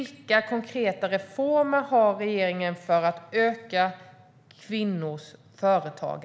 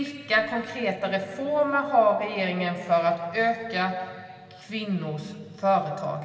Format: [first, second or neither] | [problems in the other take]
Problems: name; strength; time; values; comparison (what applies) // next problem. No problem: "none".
first | room echo; dies away in 2.3 s